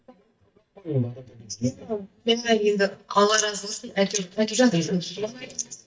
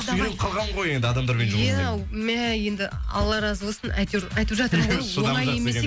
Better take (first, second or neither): second